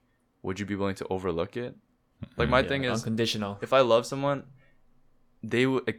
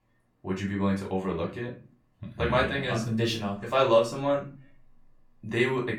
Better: first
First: none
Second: off-mic speech; far // room echo; slight; dies away in 0.3 s

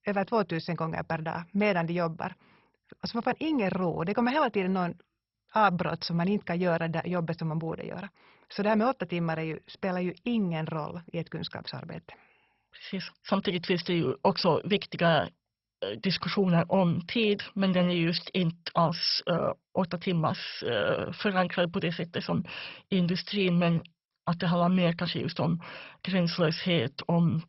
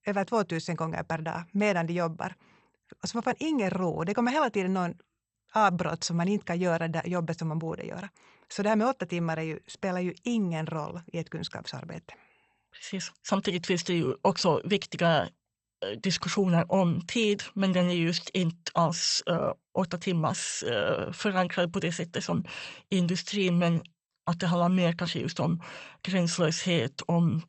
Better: second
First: garbled, watery; badly; nothing above 5.5 kHz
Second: garbled, watery; slightly; nothing above 8 kHz

